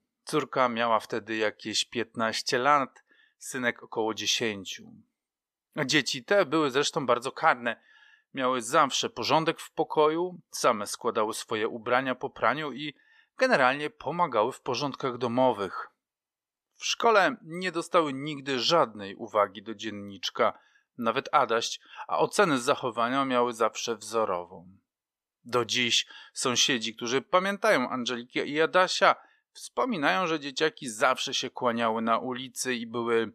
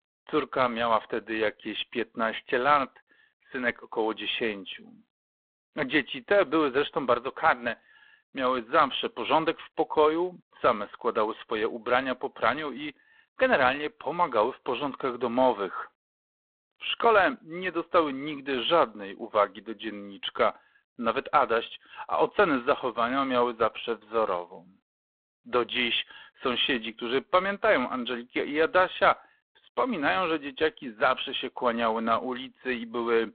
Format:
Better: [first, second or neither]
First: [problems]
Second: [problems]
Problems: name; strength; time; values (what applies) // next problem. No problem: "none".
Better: first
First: none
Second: phone-call audio; poor line